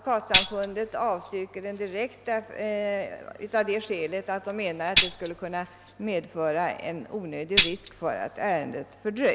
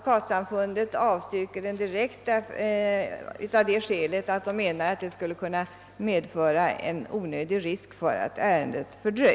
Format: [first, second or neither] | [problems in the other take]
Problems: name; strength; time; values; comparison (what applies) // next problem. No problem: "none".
second | background sound (Tambourine); 1 dB above the speech